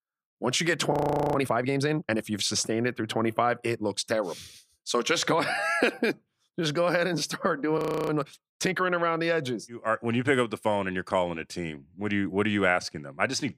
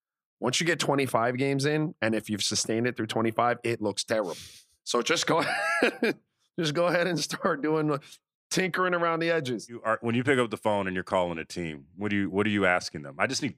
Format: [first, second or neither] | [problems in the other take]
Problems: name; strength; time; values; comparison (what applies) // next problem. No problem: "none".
second | audio freezing; at 1 s and at 8 s